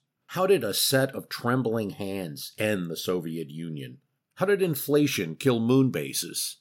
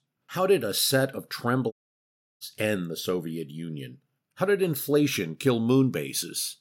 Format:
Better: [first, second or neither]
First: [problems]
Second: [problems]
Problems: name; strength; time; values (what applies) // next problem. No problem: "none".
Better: first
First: none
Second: audio cutting out; at 1.5 s for 0.5 s